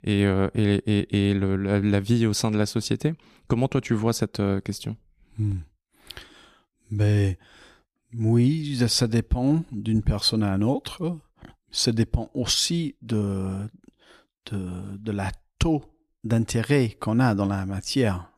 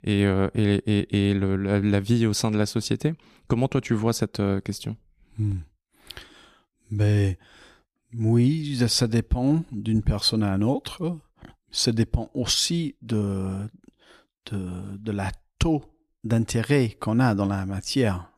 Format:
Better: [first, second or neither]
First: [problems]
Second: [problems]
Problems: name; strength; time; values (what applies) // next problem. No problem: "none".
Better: neither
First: none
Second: none